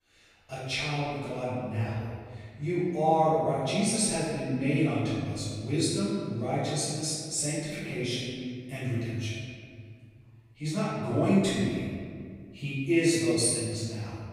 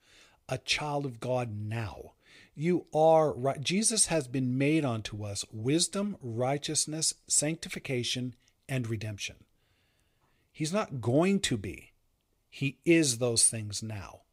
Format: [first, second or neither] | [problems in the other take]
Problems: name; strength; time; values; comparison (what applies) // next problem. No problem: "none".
second | off-mic speech; far // room echo; strong; dies away in 1.9 s